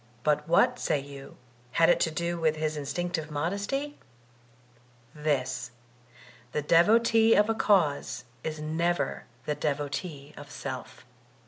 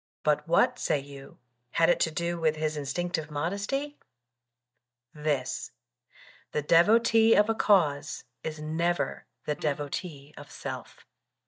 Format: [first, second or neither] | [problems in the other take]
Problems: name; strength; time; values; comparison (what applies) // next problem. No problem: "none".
first | noise reduction (neural mask model DeepFilterNet 3)